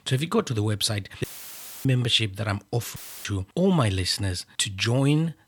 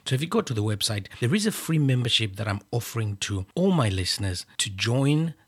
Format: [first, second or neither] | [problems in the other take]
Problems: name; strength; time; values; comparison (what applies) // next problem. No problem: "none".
second | audio cutting out; filled with static; at 1 s for 0.5 s and at 3 s